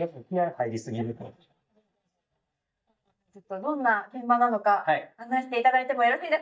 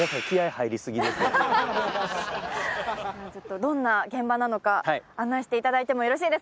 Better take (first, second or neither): second